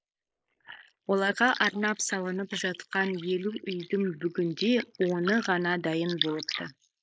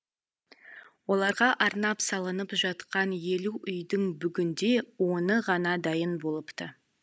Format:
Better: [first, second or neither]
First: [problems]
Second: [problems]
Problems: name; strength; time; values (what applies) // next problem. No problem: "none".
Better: second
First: noise reduction (neural mask model Resemble Enhance denoiser)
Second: none